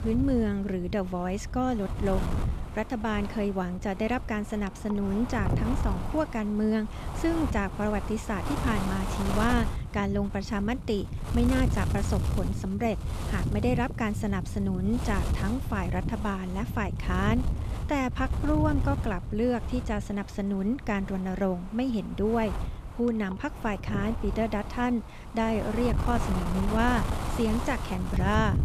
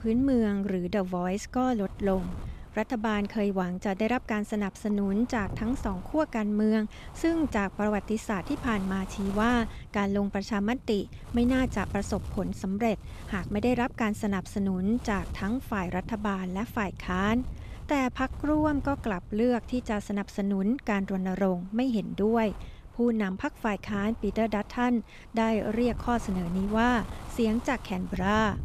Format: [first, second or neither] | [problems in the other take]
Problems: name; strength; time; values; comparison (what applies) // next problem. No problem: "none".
second | wind noise on the microphone; heavy; 8 dB below the speech; occasional gusts in the second